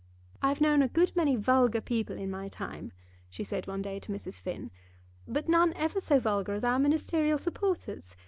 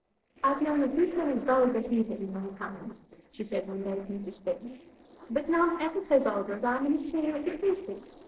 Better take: first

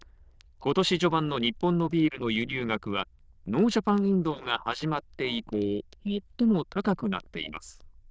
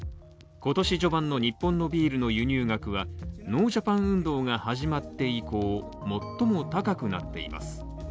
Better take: second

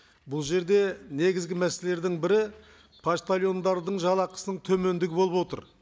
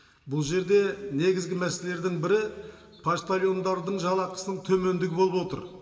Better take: first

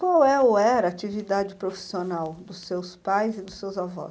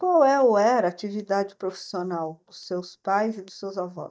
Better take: first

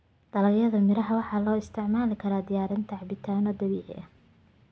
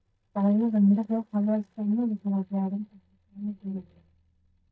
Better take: first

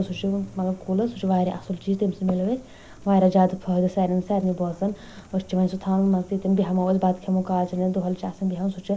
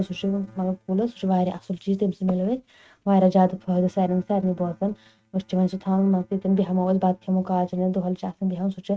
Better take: first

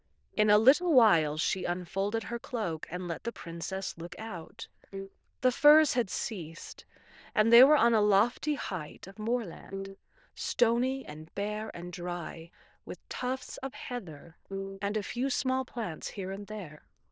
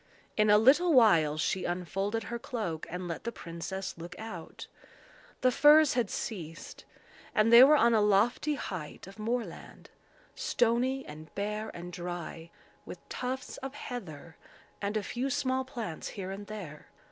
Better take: second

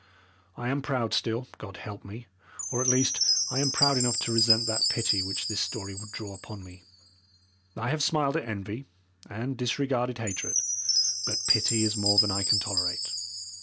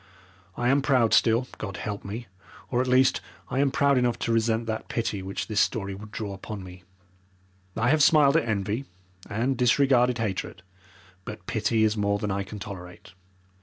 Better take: second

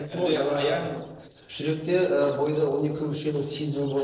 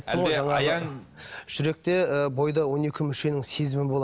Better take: second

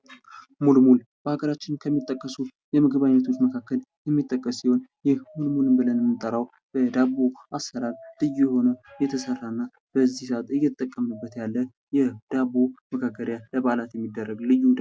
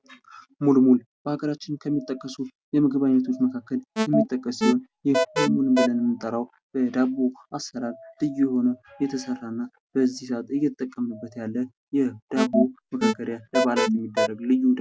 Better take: first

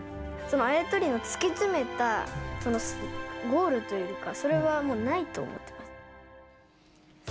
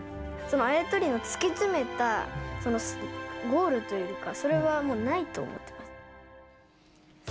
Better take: second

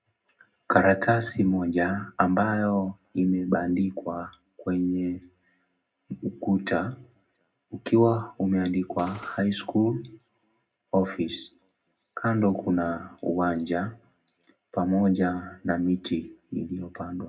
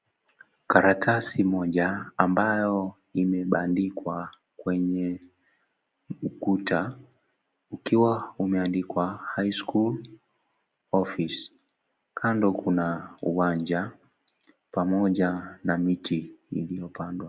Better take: second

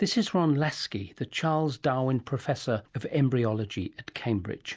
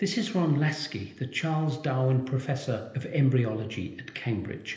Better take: first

